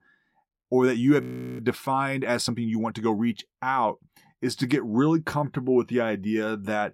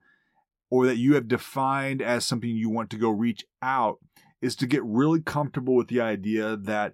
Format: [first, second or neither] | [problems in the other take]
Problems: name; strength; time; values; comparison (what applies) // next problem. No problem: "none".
second | audio freezing; at 1 s